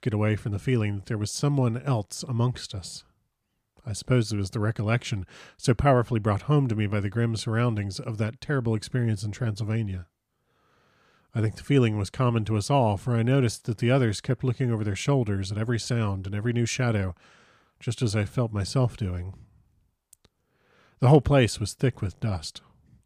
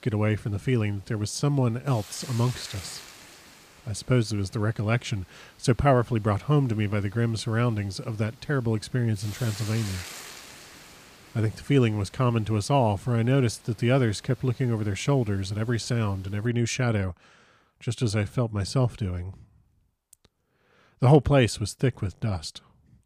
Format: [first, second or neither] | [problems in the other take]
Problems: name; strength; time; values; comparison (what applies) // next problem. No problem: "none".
first | hiss; noticeable; until 16 s; 20 dB below the speech